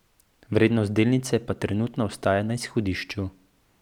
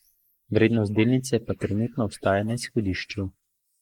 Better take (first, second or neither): first